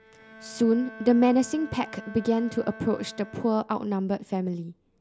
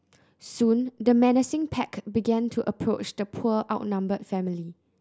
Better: second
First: background sound (Bowed string instrument); 19 dB below the speech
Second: none

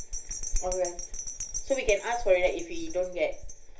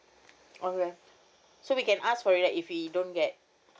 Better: second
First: background sound (Bell); 3 dB below the speech // room echo; dies away in 0.3 s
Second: none

